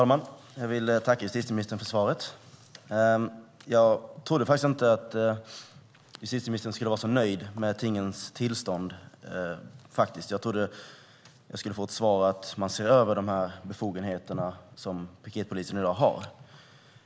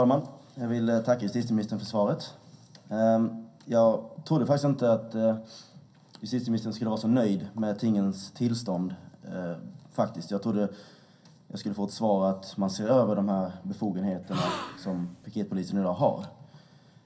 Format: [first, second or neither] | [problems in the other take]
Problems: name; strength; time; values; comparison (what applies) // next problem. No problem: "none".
first | background sound (Gasp); 9 dB below the speech // room echo; dies away in 0.3 s